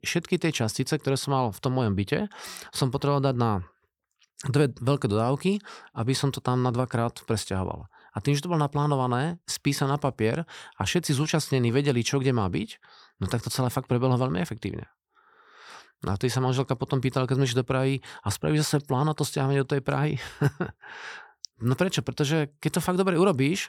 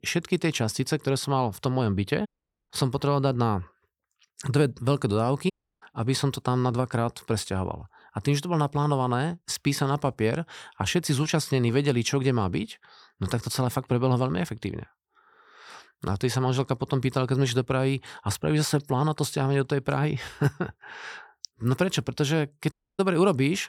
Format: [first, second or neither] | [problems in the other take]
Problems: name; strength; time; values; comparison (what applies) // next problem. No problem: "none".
first | audio cutting out; at 2.5 s, at 5.5 s and at 23 s